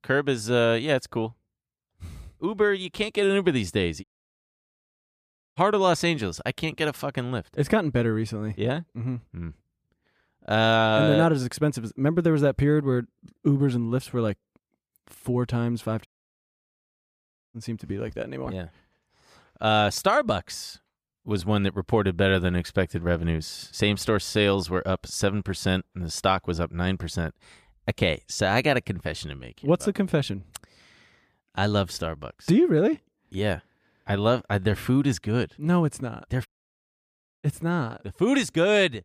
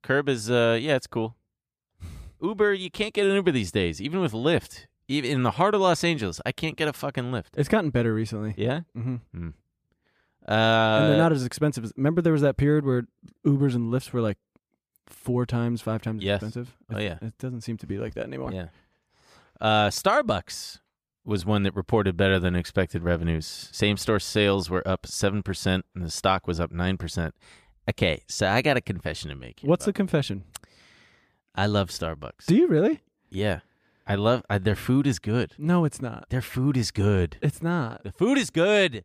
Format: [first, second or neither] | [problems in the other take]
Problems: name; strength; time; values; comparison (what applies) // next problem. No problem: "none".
second | audio cutting out; at 4 s for 1.5 s, at 16 s for 1.5 s and at 36 s for 1 s